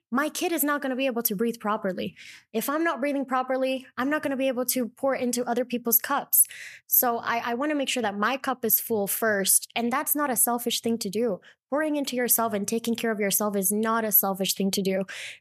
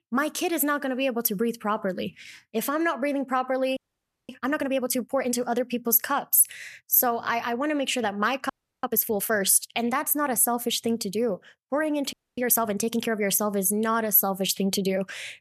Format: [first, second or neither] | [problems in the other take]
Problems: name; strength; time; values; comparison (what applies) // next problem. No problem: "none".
first | audio freezing; at 4 s for 0.5 s, at 8.5 s and at 12 s